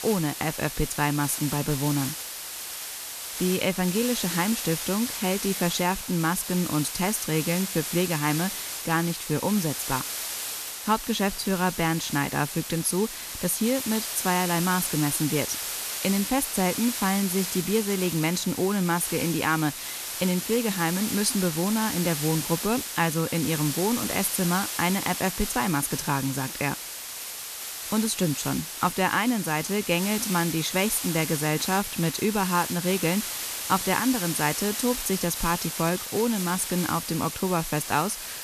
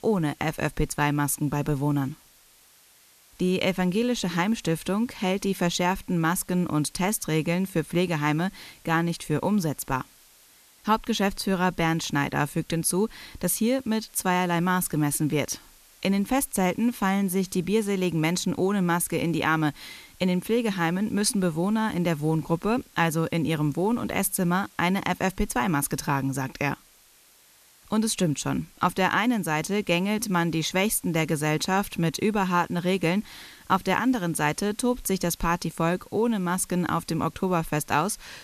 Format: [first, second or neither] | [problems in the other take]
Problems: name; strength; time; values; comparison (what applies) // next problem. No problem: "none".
second | hiss; loud; throughout; 4 dB below the speech; faint in the second